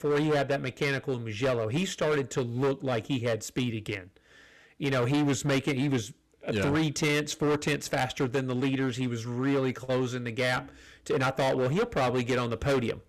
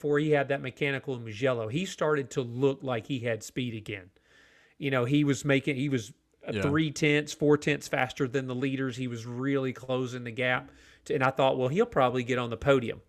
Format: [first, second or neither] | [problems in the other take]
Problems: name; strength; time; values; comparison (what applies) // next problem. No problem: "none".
second | distortion; heavy; 14% of the sound clipped